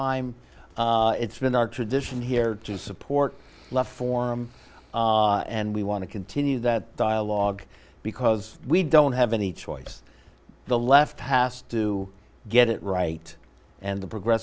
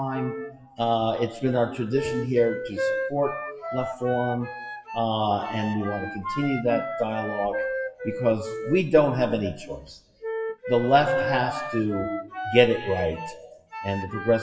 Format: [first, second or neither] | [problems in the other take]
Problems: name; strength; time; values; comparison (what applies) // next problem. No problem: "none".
first | noise reduction (classical method WPE with log-MMSE)